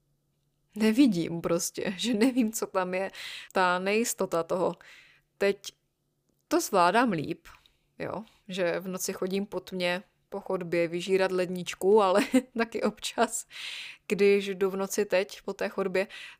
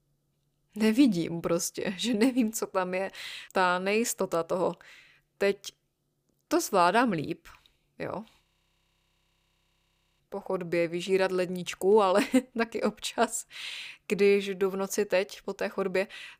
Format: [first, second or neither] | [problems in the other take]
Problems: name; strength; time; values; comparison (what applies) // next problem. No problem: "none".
first | audio freezing; at 8.5 s for 2 s